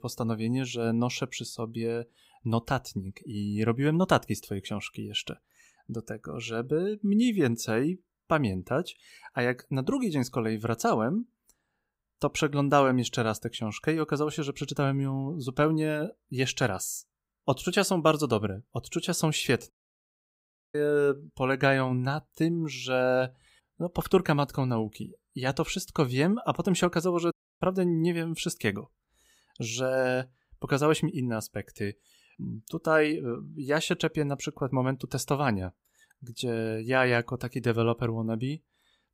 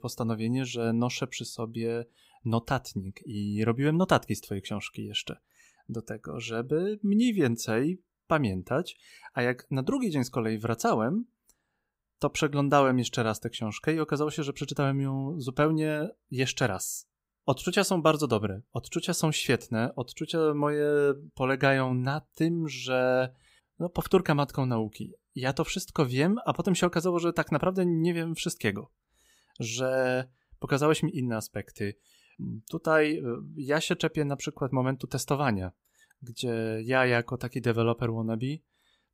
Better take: second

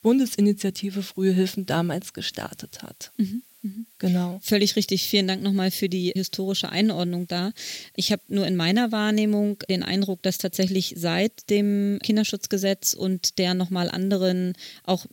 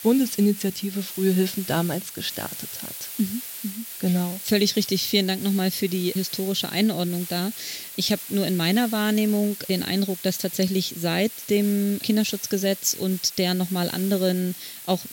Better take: first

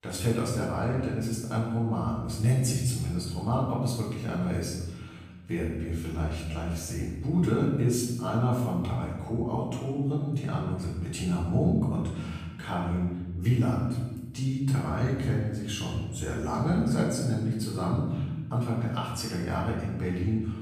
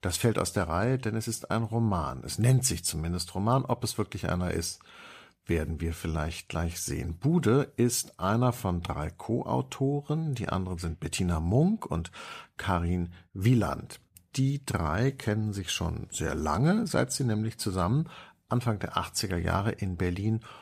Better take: second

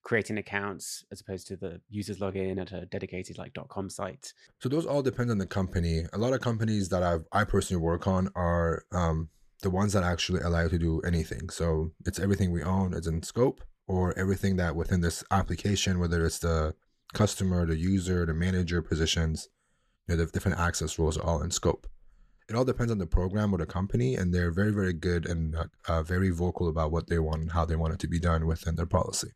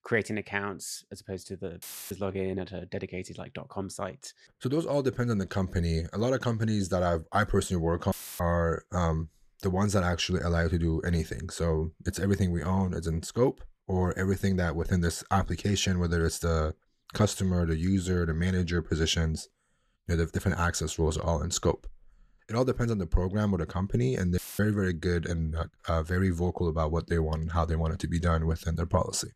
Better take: first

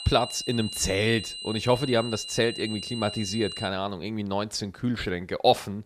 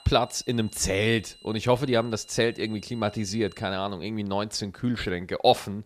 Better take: second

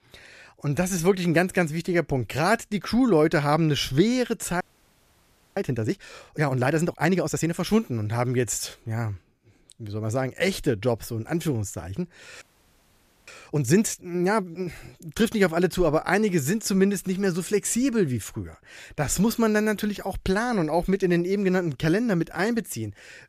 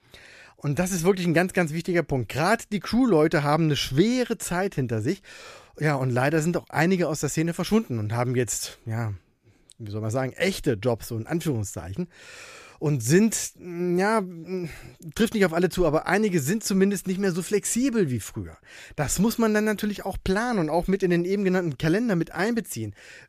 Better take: second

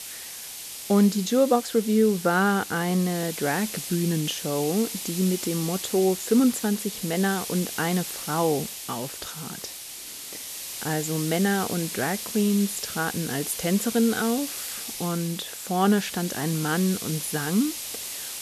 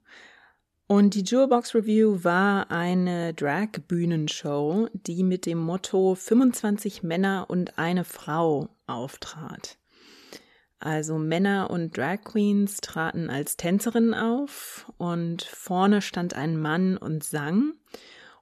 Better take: second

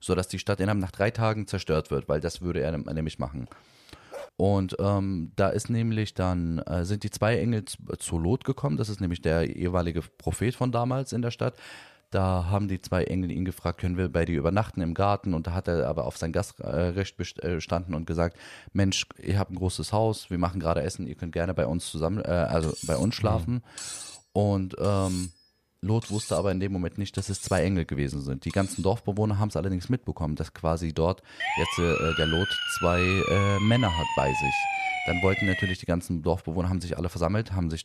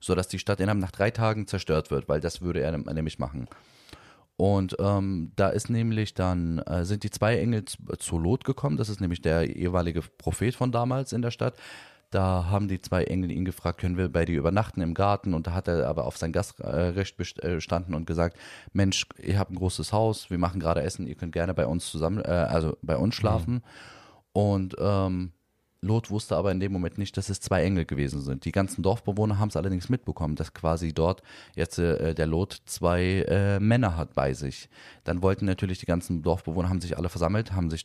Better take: second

